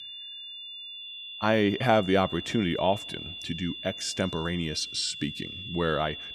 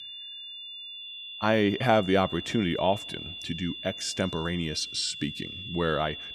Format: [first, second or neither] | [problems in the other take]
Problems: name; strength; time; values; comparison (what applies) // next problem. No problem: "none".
neither | high-pitched whine; loud; throughout; 3.5 kHz, 10 dB below the speech; the same in both